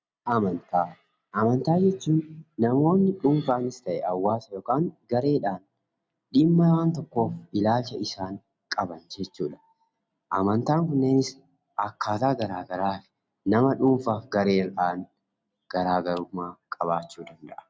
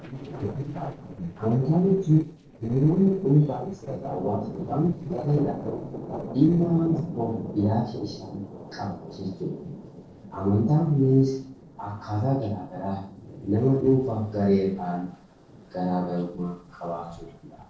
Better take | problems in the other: first | noise reduction (neural separator model SepFormer DNS4)

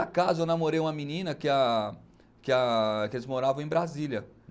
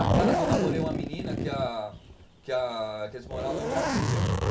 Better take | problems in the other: first | background sound (Zipper (clothing)); 5 dB above the speech // room echo; dies away in 0.2 s

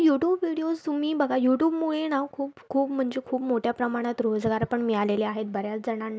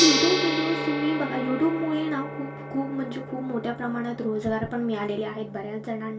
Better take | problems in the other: first | background sound (Gong); 4 dB below the speech // room echo; dies away in 0.2 s

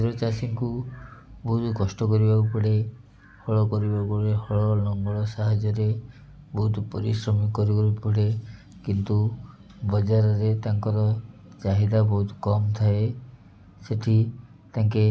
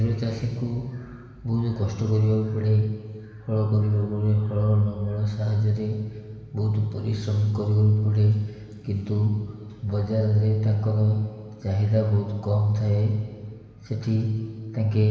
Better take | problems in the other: first | room echo; dies away in 1.6 s

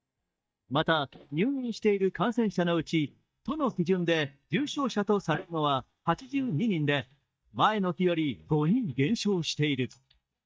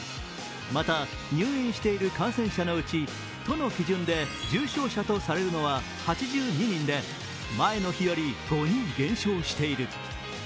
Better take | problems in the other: second | noise reduction (neural mask model DeepFilterNet 3)

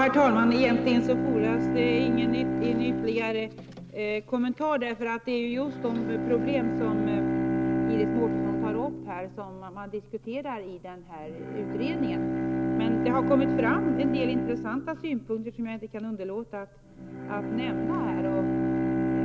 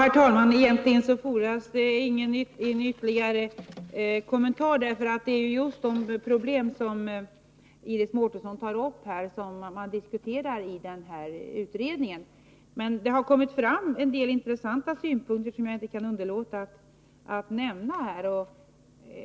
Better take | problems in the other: second | background sound (Bowed string instrument); as loud as the speech

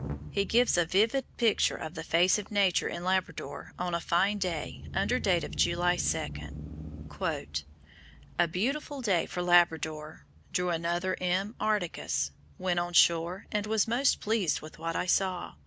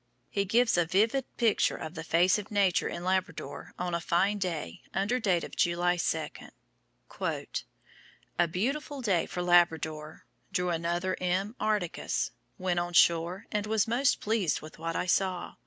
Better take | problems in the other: second | background sound (Engine starting / Accelerating, revving, vroom / Motor vehicle (road)); 14 dB below the speech

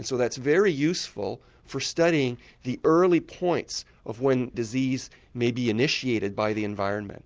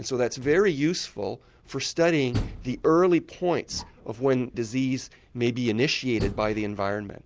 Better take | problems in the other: first | background sound (Door); 14 dB below the speech

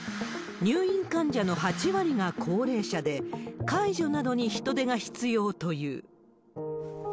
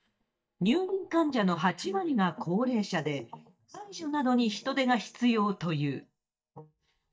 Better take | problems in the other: first | noise reduction (neural mask model DeepFilterNet 3)

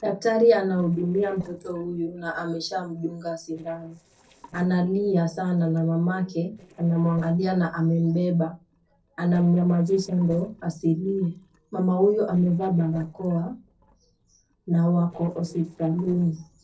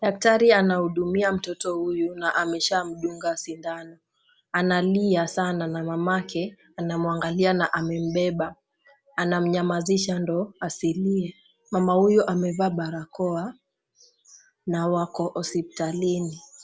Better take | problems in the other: second | noise reduction (neural separator model SepFormer DNS4)

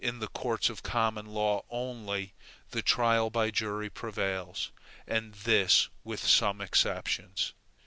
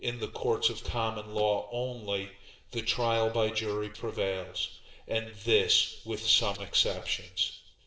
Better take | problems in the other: first | noise reduction (neural separator model SepFormer DNS4)

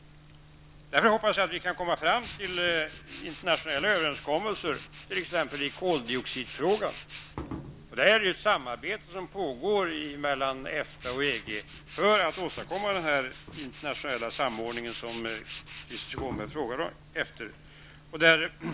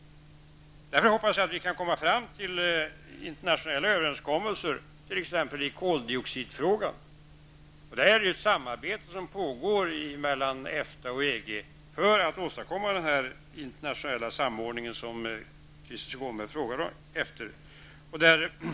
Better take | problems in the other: second | background sound (Tools); 17 dB below the speech

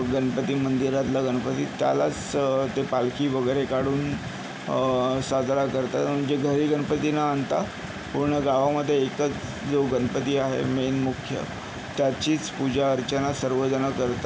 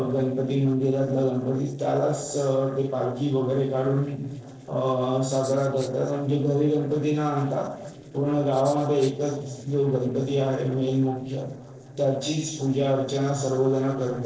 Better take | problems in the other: first | noise reduction (neural separator model SepFormer DNS4)

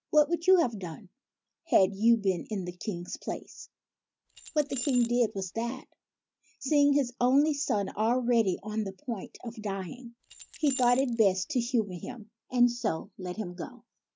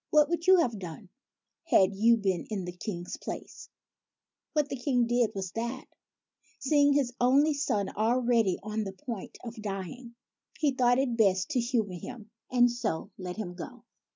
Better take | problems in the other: second | background sound (Keys jangling); 14 dB below the speech

